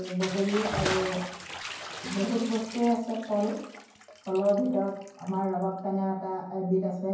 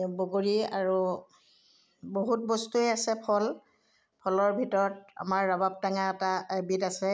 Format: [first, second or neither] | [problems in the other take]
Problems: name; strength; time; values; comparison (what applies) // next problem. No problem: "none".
second | background sound (Bathtub (filling or washing) / Splash, splatter); 10 dB below the speech // room echo; dies away in 0.9 s